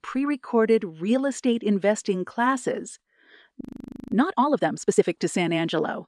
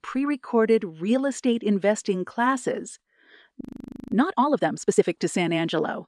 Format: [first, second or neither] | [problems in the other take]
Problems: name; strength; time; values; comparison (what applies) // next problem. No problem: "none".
neither | audio freezing; at 3.5 s for 0.5 s; the same in both